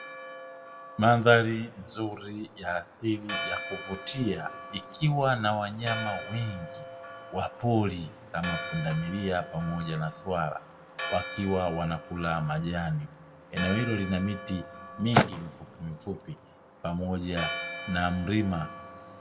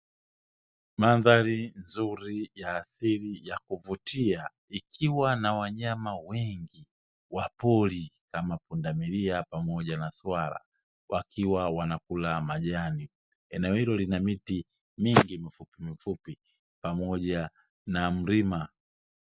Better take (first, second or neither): second